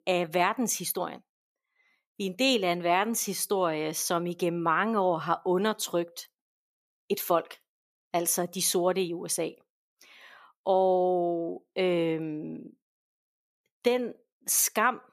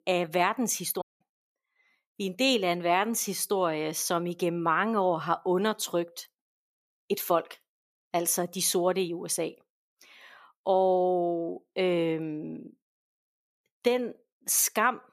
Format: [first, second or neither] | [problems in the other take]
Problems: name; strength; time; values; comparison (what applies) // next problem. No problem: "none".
first | audio cutting out; at 1 s